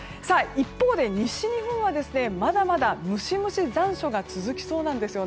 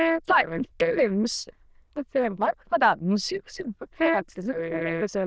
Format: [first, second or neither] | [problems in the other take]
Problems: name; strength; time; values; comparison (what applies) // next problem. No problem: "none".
first | noise reduction (neural diffusion model UNIVERSE++)